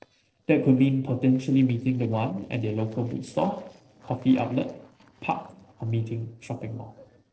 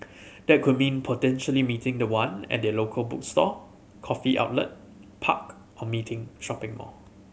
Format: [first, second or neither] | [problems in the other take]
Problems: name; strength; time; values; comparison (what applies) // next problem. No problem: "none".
second | noise reduction (neural separator model SepFormer DNS4)